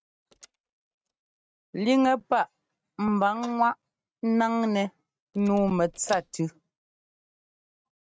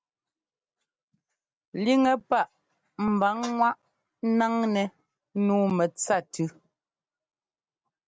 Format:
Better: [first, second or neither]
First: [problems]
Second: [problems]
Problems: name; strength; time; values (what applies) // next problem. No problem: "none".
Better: second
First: noise reduction (neural mask model RNNoise)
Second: none